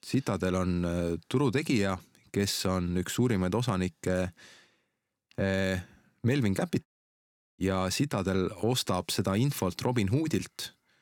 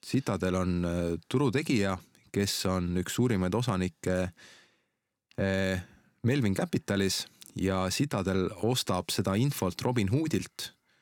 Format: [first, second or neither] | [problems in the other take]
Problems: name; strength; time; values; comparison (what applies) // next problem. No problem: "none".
second | audio cutting out; at 7 s for 0.5 s